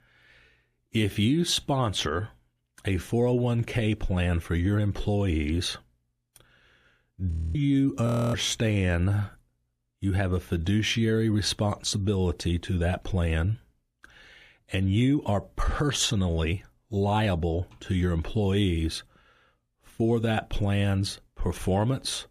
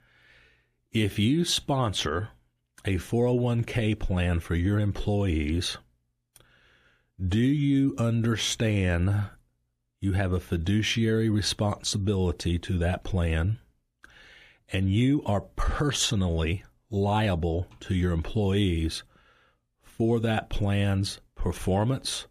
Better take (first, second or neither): second